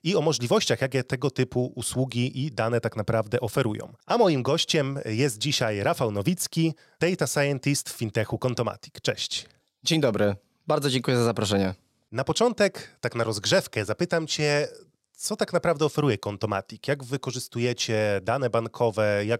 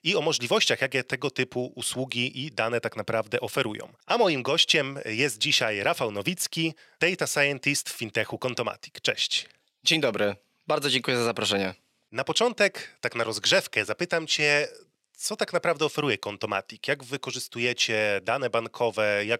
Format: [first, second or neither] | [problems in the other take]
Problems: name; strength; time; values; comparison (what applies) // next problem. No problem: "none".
first | thin; very slightly; fading below 650 Hz